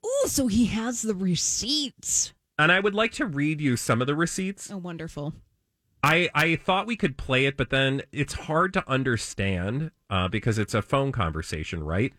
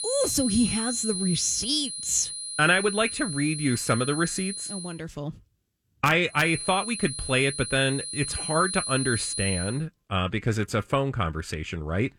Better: first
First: none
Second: high-pitched whine; loud; until 5 s and from 6.5 to 9.5 s; 9.5 kHz, 5 dB below the speech

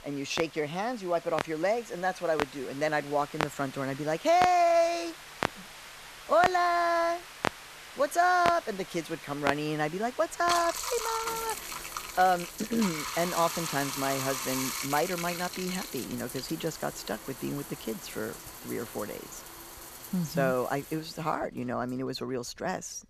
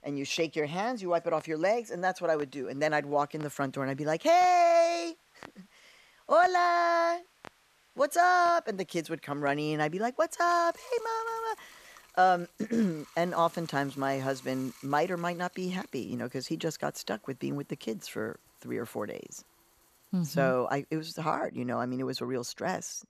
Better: second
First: household noises; loud; throughout; 7 dB below the speech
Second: household noises; faint; throughout; 25 dB below the speech

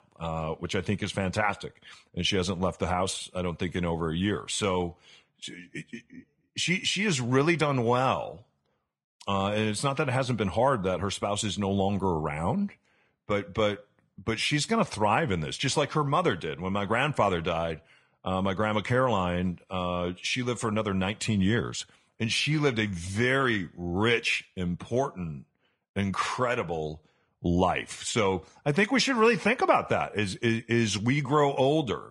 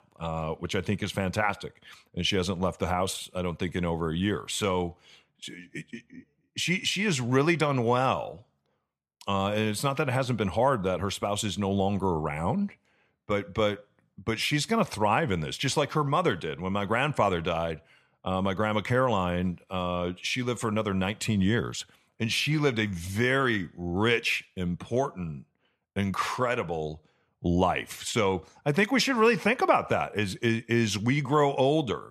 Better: second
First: garbled, watery; slightly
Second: none

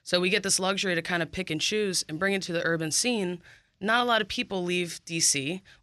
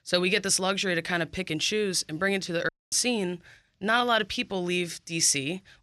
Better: first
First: none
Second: audio cutting out; at 2.5 s

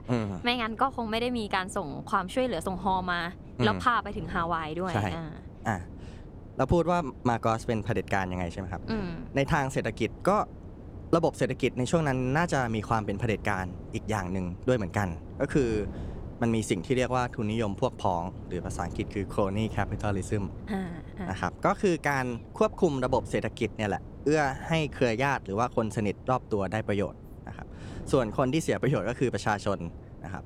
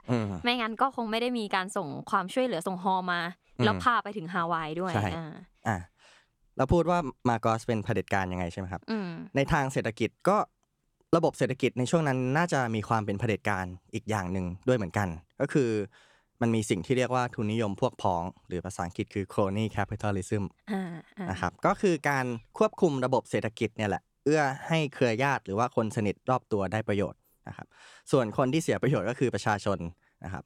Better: second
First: wind noise on the microphone; occasional gusts; 20 dB below the speech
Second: none

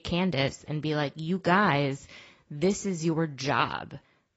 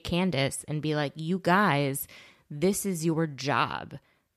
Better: second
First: garbled, watery; badly; nothing above 7.5 kHz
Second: none

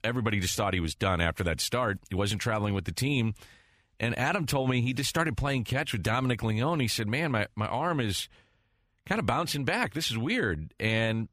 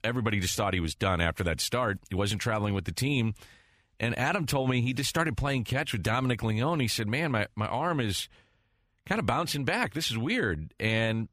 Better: neither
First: none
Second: none

